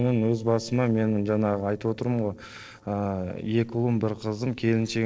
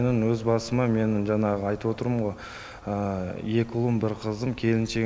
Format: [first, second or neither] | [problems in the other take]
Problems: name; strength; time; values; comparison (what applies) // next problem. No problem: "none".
second | noise reduction (neural separator model SepFormer DNS4)